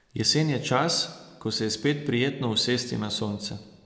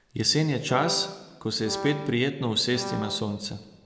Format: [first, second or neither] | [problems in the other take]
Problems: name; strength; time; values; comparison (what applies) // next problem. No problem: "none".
first | background sound (Brass instrument); 10 dB below the speech